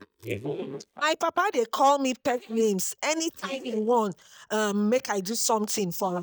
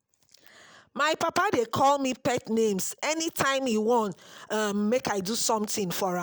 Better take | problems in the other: second | noise reduction (neural mask model DeepFilterNet 3)

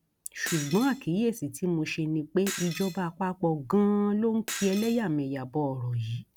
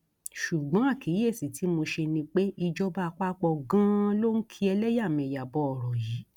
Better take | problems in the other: second | background sound (Shatter); 15 dB below the speech

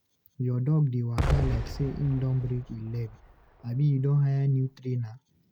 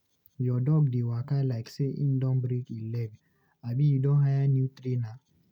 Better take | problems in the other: second | background sound (Explosion); 6 dB below the speech

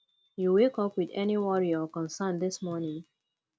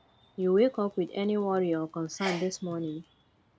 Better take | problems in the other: first | background sound (Sneeze); 17 dB below the speech

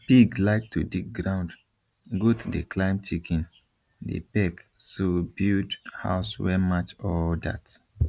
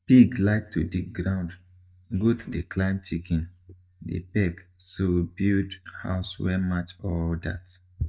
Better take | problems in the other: first | noise reduction (neural mask model DeepFilterNet 3)

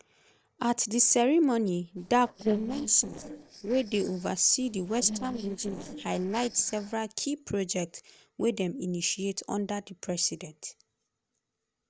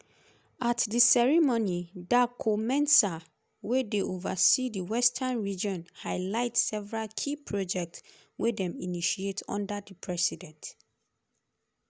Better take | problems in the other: second | noise reduction (neural separator model SepFormer DNS4)

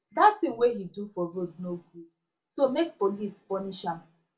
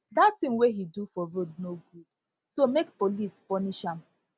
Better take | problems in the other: second | room echo; dies away in 0.2 s

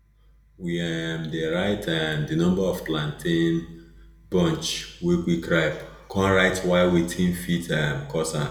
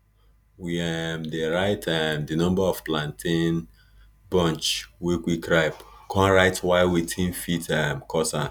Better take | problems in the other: second | room echo; dies away in 0.8 s

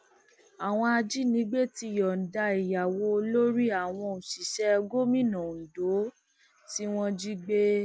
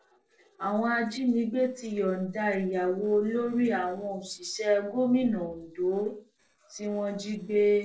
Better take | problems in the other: first | noise reduction (neural separator model SepFormer DNS4)

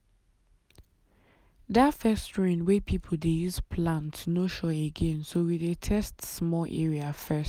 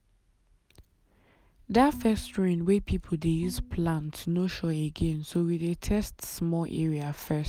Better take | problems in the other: first | background sound (Bowed string instrument); 18 dB below the speech

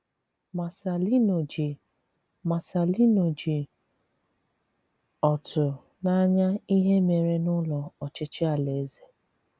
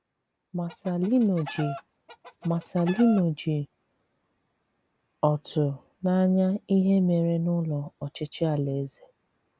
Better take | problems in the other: first | background sound (Chicken, rooster); 14 dB below the speech

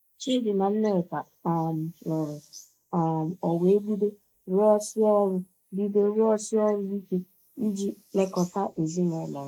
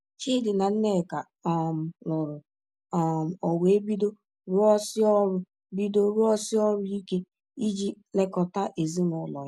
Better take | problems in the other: second | noise reduction (neural mask model Resemble Enhance denoiser)

